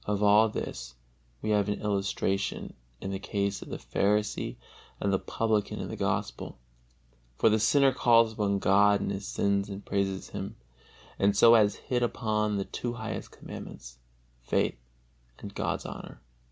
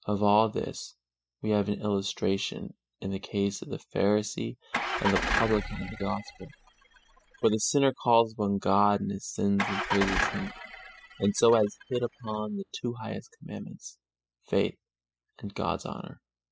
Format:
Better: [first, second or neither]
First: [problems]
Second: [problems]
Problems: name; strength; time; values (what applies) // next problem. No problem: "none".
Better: first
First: none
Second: noise reduction (classical method spectral subtraction)